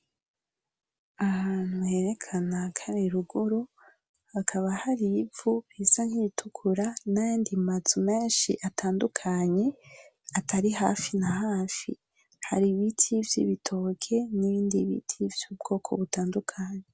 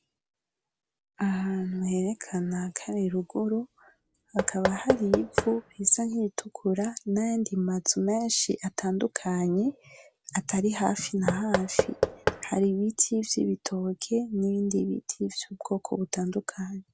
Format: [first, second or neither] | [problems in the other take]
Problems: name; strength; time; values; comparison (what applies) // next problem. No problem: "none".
first | background sound (Knock / Wood); 2 dB below the speech